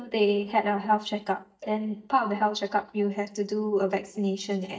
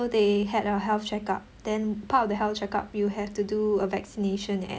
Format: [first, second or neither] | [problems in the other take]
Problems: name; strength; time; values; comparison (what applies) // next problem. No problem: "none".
second | noise reduction (neural mask model DeepFilterNet 3)